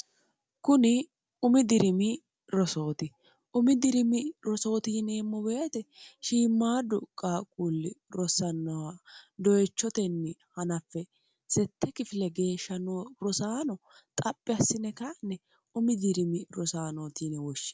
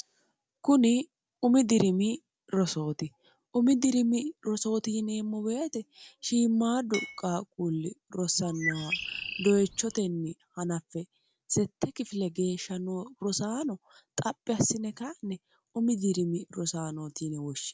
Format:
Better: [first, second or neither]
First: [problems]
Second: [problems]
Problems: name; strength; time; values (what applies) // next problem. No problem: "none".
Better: first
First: none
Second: background sound (Bird + Glass); 7 dB below the speech